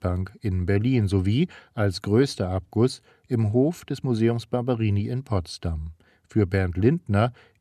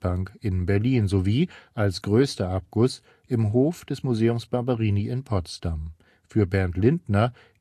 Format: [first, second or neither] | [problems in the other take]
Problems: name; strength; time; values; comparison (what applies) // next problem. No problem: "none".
first | garbled, watery; slightly; nothing above 13.5 kHz